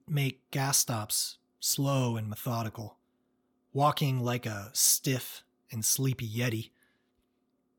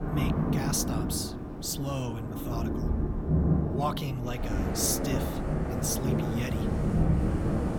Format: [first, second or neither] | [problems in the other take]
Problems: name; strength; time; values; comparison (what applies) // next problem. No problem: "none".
first | rain or running water; very loud; throughout; 3 dB above the speech